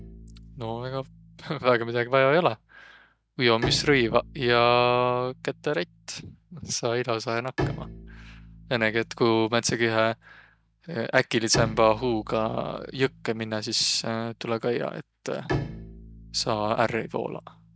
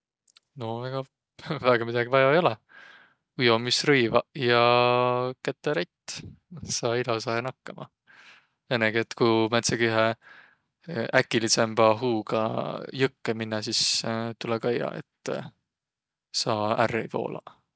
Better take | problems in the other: second | background sound (Bowed string instrument); 13 dB below the speech

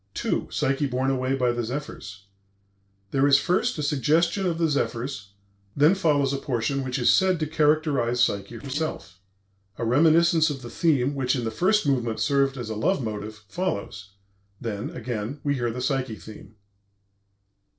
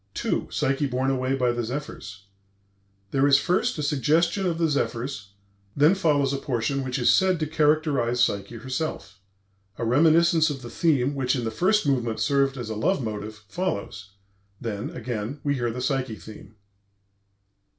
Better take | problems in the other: second | noise reduction (neural separator model SepFormer DNS4)

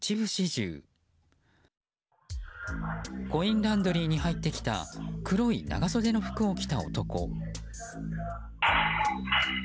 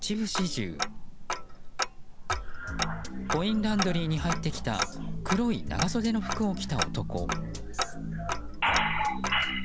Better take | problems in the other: first | background sound (Tick-tock); 3 dB below the speech

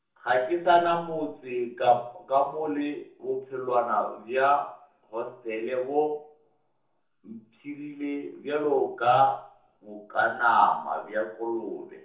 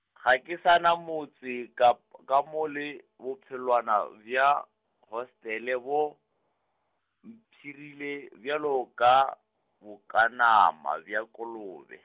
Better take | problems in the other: second | room echo; dies away in 0.7 s

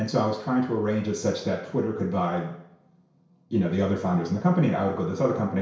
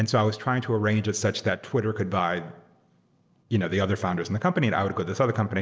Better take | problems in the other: second | room echo; dies away in 0.6 s

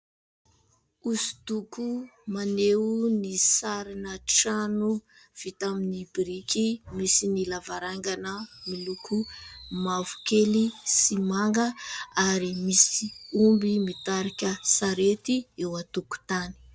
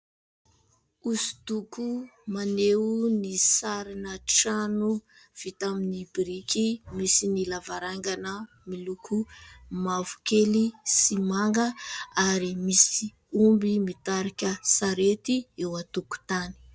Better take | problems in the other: second | background sound (Fireworks); 19 dB below the speech

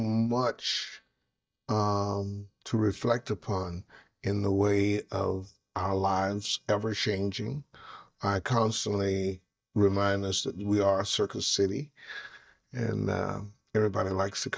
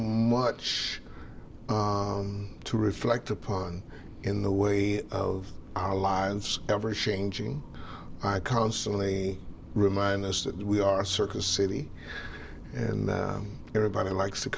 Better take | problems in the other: second | noise reduction (neural mask model DeepFilterNet 3)

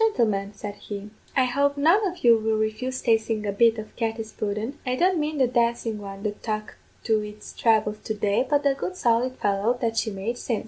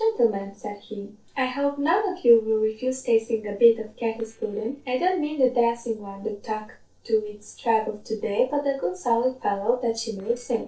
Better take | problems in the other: first | noise reduction (neural separator model SepFormer DNS4)

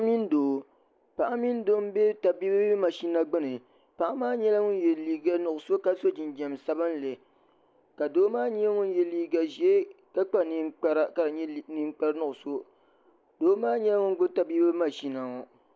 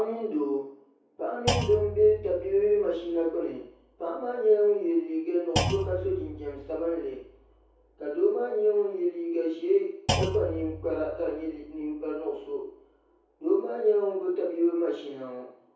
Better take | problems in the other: first | background sound (Thump, thud); 9 dB below the speech // room echo; dies away in 0.6 s

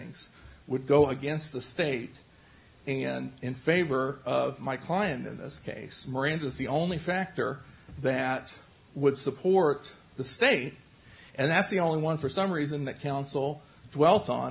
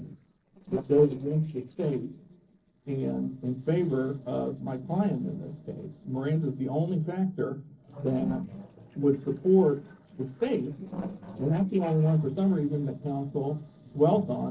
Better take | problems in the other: first | noise reduction (neural separator model SepFormer DNS4)

